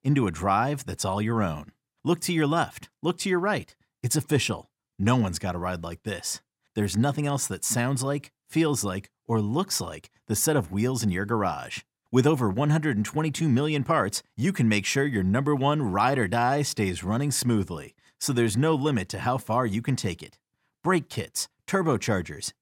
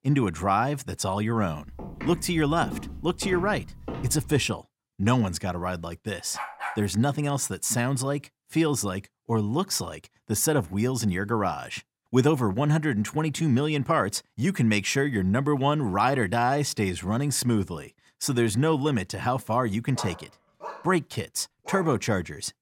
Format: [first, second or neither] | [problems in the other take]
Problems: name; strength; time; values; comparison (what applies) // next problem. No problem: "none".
first | footsteps; noticeable; from 1.5 to 4.5 s; peak 9 dB below the speech // dog barking; noticeable; at 6.5 s; peak 7 dB below the speech // dog barking; faint; from 20 to 22 s; peak 10 dB below the speech